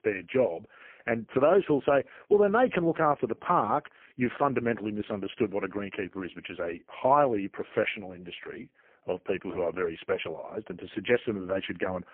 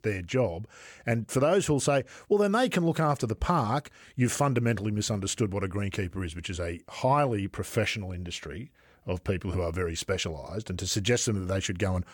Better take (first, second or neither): second